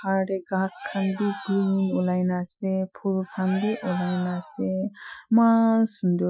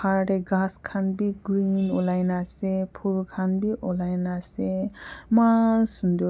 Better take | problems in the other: second | noise reduction (classical method Wiener filter)

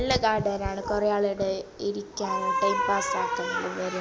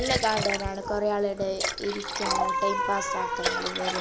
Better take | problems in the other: first | background sound (Liquid); 4 dB below the speech

